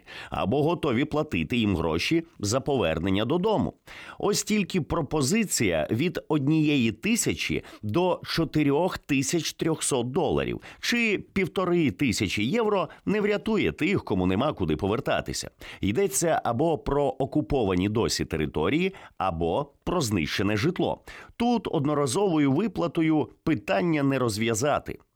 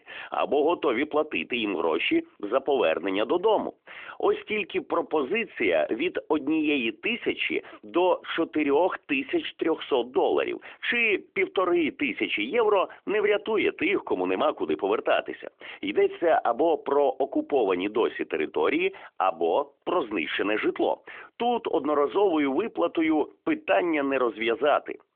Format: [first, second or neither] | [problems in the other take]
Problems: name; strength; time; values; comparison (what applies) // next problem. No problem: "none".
first | phone-call audio; nothing above 3.5 kHz